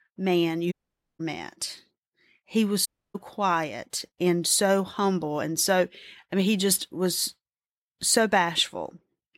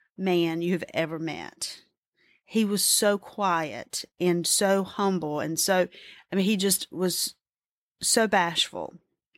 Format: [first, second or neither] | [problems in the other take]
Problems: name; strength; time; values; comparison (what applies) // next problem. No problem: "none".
second | audio cutting out; at 0.5 s and at 3 s